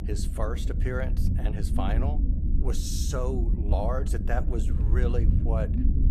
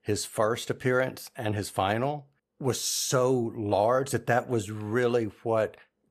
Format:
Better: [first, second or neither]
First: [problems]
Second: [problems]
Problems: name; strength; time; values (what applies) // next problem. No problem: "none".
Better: second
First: low rumble; loud; throughout; 7 dB below the speech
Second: none